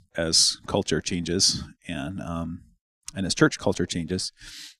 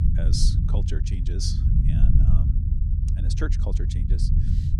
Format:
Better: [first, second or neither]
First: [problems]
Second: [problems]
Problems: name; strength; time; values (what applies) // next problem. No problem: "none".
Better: first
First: none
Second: low rumble; loud; throughout; 2 dB below the speech